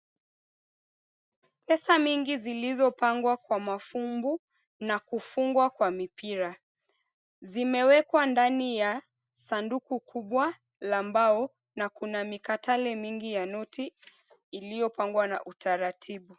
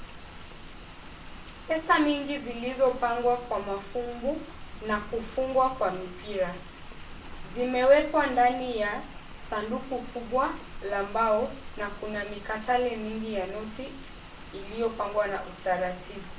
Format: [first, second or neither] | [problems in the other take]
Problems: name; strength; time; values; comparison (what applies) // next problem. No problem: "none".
first | background sound (Rain); 12 dB below the speech // room echo; dies away in 0.3 s